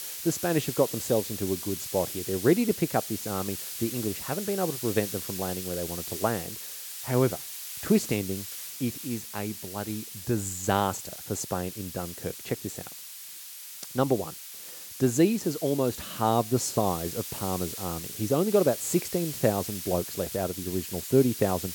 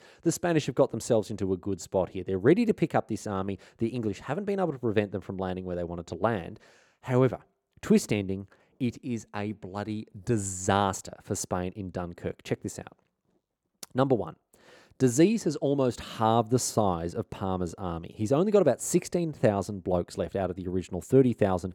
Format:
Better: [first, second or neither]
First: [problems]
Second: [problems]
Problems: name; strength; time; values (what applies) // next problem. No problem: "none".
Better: second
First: hiss; loud; throughout; 7 dB below the speech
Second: none